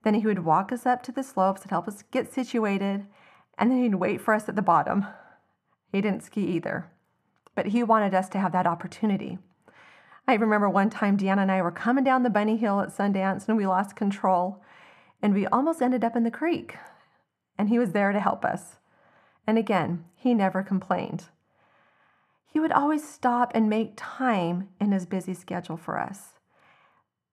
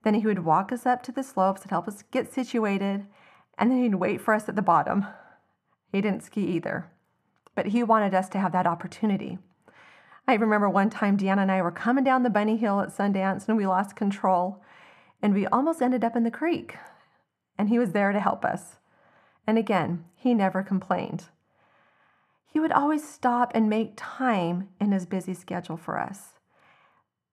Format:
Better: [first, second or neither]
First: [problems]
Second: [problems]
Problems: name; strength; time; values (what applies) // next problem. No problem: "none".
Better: neither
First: muffled; very; fading above 2.5 kHz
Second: muffled; very; fading above 2.5 kHz